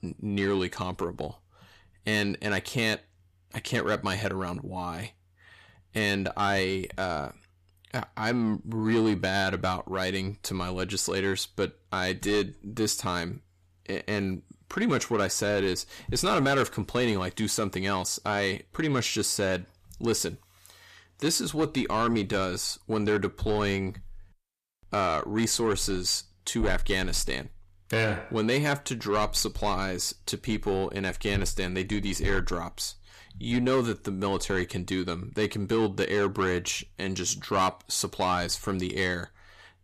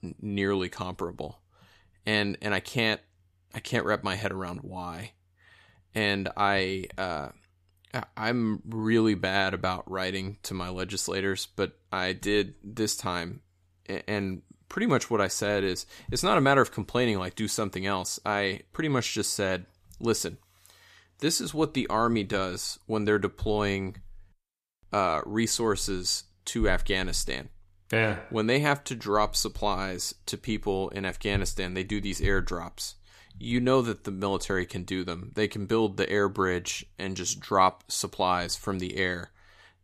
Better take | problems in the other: second | distortion; slight; 10 dB below the speech

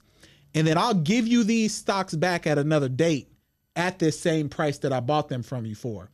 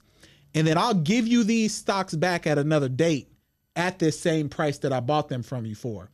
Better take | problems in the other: neither | none

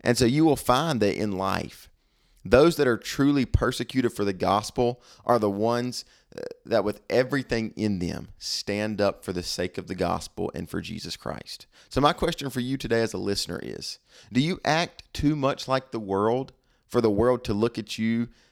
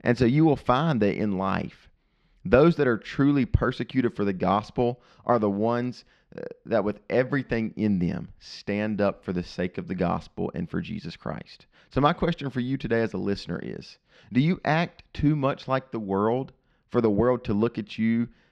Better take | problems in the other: first | muffled; slightly; fading above 2.5 kHz

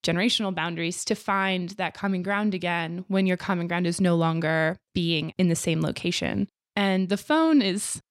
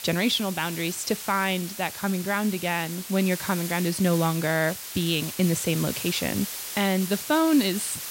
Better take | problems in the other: first | hiss; loud; throughout; 8 dB below the speech

